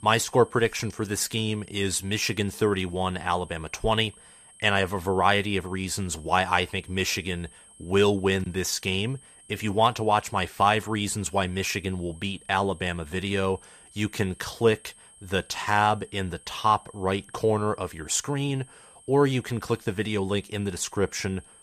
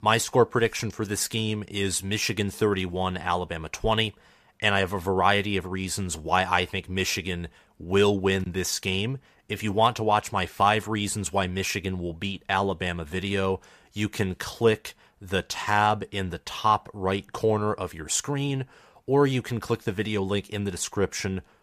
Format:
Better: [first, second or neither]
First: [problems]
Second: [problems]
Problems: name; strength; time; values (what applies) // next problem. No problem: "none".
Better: second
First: high-pitched whine; faint; throughout; 8.5 kHz, 25 dB below the speech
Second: none